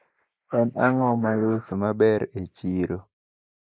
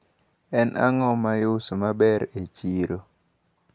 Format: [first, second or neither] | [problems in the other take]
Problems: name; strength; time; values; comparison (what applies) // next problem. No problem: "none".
second | noise reduction (neural mask model Resemble Enhance denoiser)